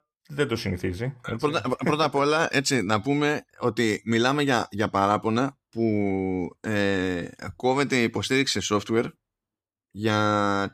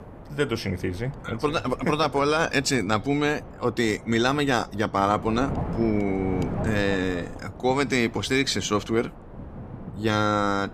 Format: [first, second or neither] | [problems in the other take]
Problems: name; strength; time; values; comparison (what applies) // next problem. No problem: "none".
first | wind noise on the microphone; occasional gusts; 15 dB below the speech